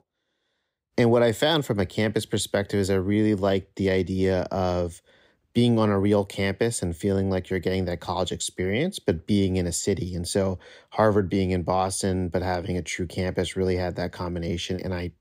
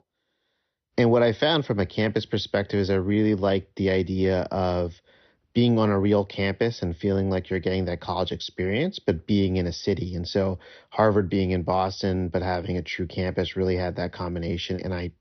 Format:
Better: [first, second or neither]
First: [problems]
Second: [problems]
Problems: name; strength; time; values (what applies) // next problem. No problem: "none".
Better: first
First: none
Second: garbled, watery; slightly; nothing above 5.5 kHz